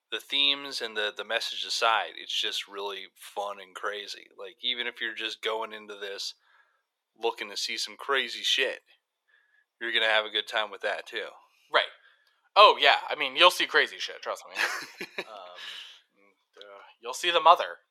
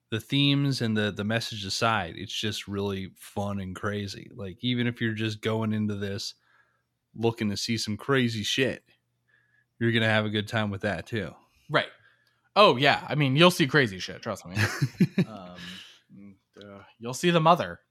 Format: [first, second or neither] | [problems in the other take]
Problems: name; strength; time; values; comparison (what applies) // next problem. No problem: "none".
second | thin; very; fading below 450 Hz